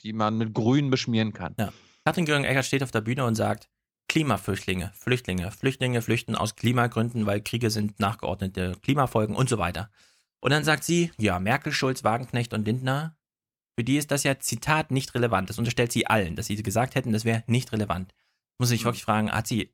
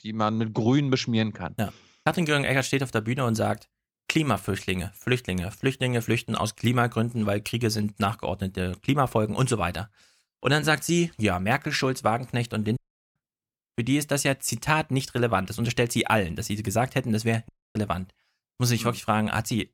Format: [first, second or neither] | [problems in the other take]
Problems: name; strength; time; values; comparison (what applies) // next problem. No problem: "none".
first | audio cutting out; at 13 s and at 17 s